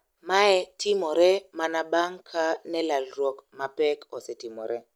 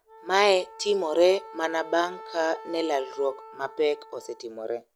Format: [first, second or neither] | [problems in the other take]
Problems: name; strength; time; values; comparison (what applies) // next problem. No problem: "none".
first | background sound (Wind instrument, woodwind instrument); 18 dB below the speech